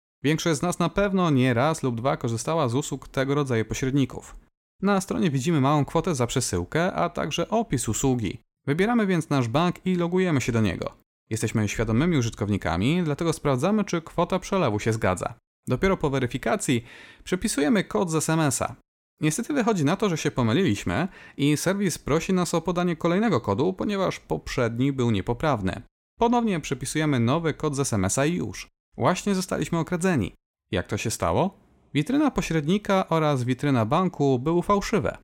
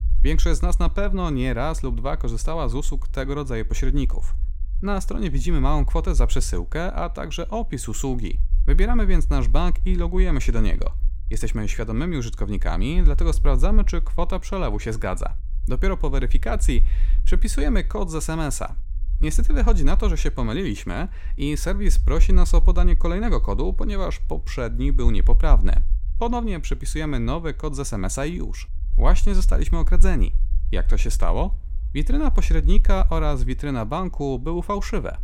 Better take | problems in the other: first | low rumble; faint; throughout; 20 dB below the speech

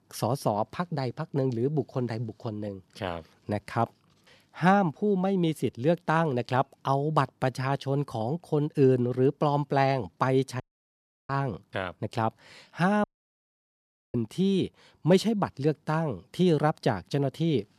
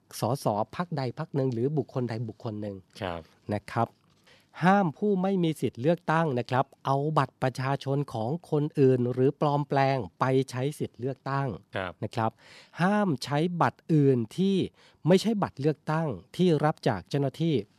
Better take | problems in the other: second | audio cutting out; at 11 s for 0.5 s and at 13 s for 1 s

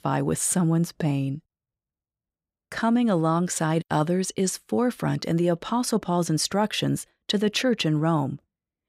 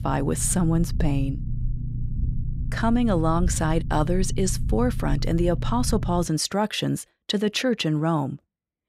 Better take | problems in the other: first | low rumble; noticeable; until 6 s; 15 dB below the speech

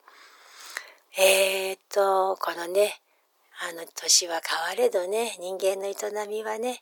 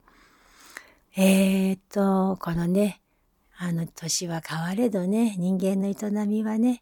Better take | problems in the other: second | thin; very; fading below 400 Hz

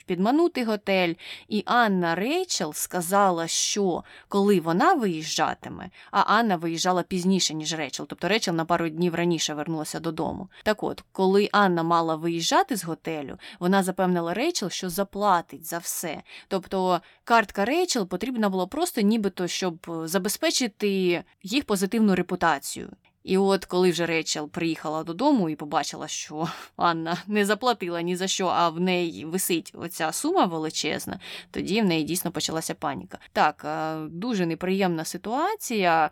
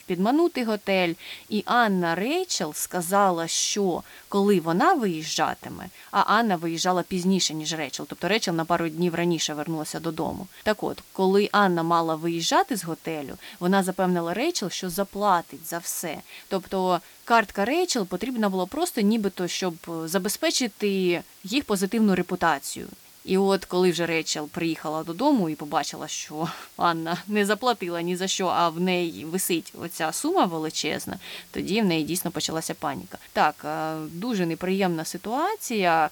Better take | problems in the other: first | hiss; faint; throughout; 25 dB below the speech

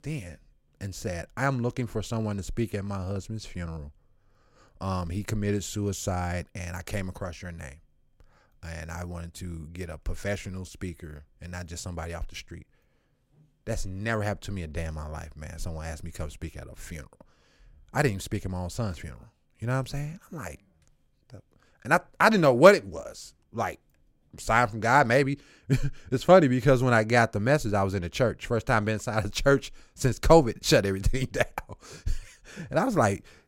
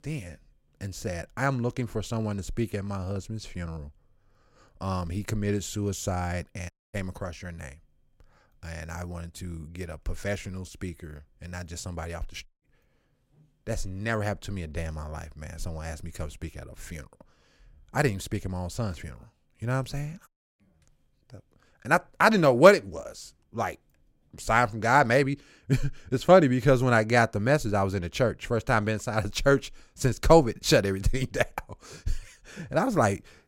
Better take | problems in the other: first | audio cutting out; at 6.5 s, at 12 s and at 20 s

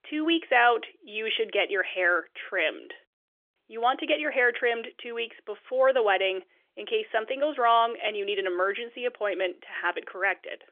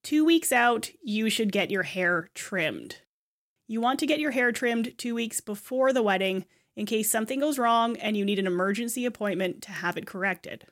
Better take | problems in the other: second | phone-call audio; nothing above 3.5 kHz

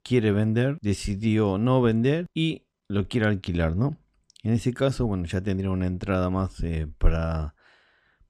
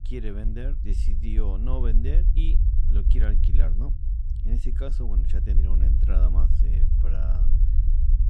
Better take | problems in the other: first | low rumble; loud; throughout; 3 dB below the speech

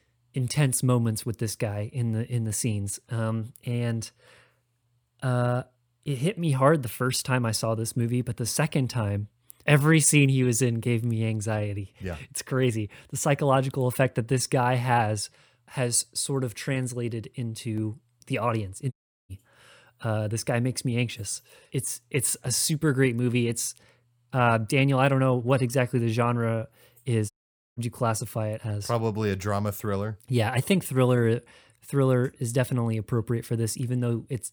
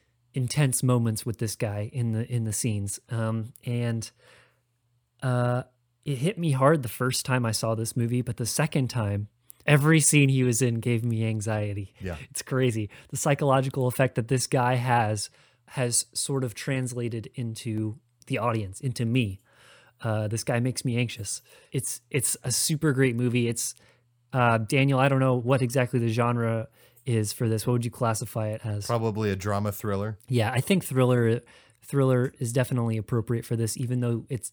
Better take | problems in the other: second | audio cutting out; at 19 s and at 27 s

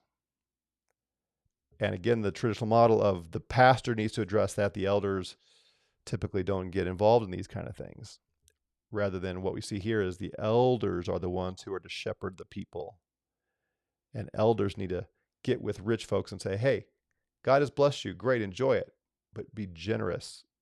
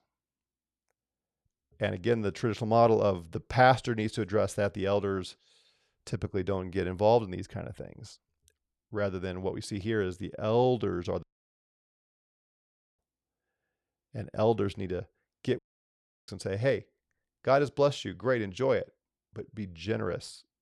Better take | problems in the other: first | audio cutting out; at 11 s for 2 s and at 16 s for 0.5 s

